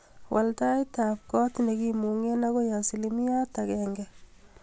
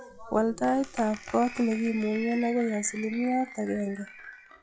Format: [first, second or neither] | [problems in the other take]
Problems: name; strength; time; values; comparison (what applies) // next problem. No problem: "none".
first | noise reduction (classical method log-MMSE)